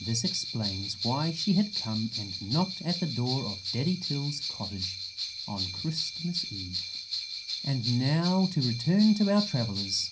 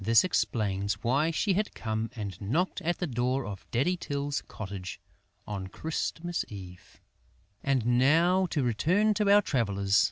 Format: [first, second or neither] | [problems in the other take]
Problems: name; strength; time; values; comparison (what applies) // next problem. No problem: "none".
second | background sound (Bell); 6 dB below the speech // room echo; dies away in 0.3 s